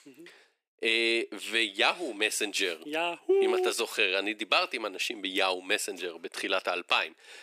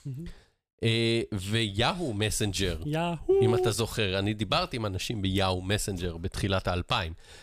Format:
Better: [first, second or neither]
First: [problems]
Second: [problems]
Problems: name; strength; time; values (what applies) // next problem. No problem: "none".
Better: second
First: thin; very; fading below 300 Hz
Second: none